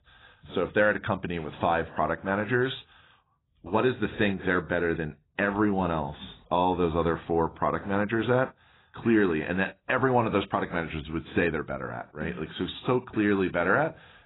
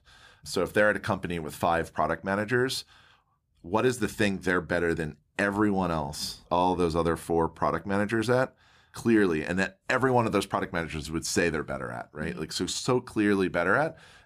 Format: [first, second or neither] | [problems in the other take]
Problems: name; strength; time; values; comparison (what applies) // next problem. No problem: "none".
second | garbled, watery; badly; nothing above 4 kHz